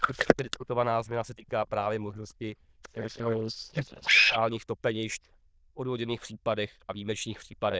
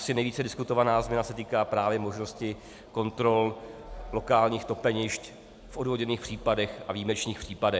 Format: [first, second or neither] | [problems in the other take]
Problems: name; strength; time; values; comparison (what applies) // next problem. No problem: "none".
second | noise reduction (neural diffusion model UNIVERSE++)